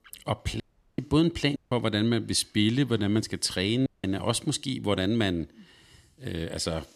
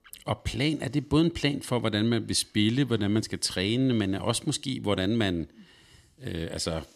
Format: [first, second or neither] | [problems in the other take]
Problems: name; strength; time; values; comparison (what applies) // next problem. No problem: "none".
second | audio cutting out; at 0.5 s, at 1.5 s and at 4 s